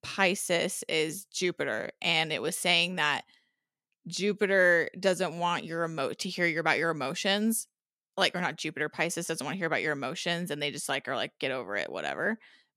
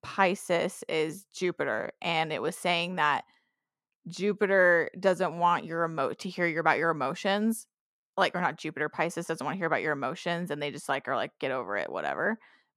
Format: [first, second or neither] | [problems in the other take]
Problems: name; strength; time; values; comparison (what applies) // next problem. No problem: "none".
first | muffled; slightly; fading above 2 kHz